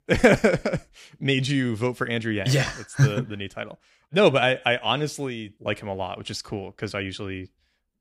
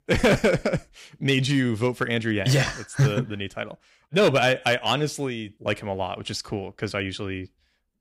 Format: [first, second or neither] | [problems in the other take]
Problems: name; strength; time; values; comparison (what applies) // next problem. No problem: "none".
first | distortion; slight; 3% of the sound clipped